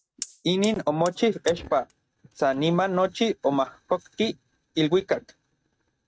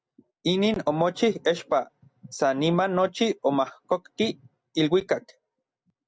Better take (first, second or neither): second